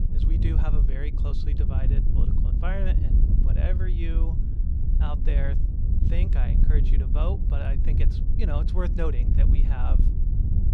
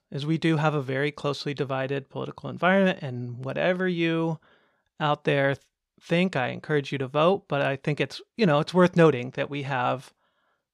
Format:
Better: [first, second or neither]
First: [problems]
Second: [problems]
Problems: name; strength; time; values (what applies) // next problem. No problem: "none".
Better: second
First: wind noise on the microphone; heavy; 3 dB below the speech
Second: none